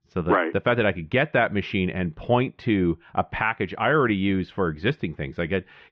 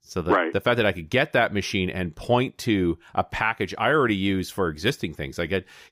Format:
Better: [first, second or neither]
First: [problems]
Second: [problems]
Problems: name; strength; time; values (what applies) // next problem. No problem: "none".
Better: second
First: muffled; very; fading above 3 kHz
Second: none